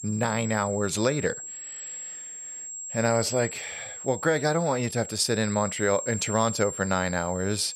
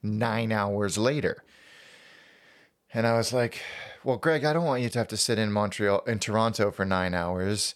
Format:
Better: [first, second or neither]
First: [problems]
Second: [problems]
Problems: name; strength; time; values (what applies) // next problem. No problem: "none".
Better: second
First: high-pitched whine; loud; throughout; 7.5 kHz, 8 dB below the speech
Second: none